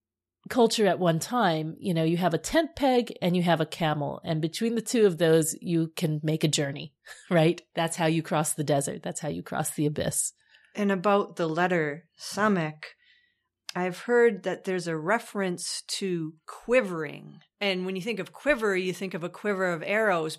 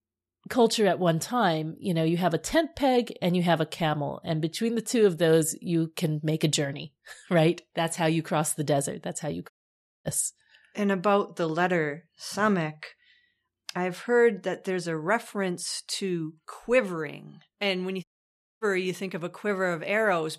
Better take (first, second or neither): first